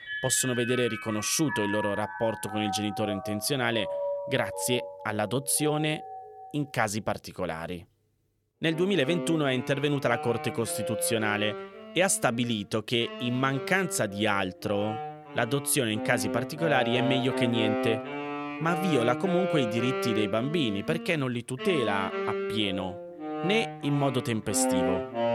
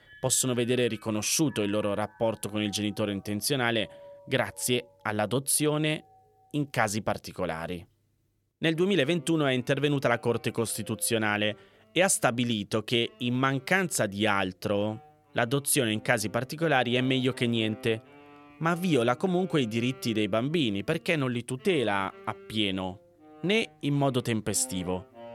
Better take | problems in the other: second | background music; loud; throughout; 6 dB below the speech; faint in the second

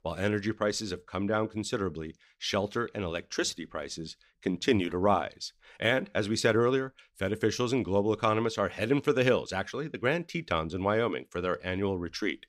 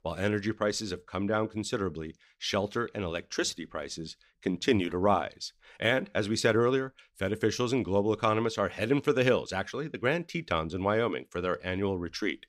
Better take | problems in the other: neither | none

